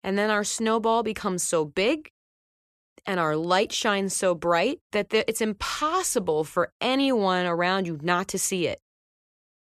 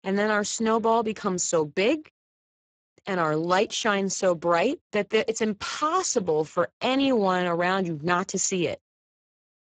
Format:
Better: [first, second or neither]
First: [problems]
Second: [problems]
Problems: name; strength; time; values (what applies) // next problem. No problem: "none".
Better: first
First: none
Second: garbled, watery; badly; nothing above 7.5 kHz